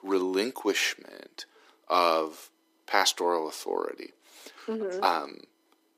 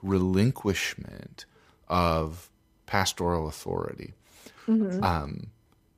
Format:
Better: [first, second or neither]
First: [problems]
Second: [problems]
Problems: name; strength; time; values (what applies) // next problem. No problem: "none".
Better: second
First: thin; somewhat; fading below 300 Hz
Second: none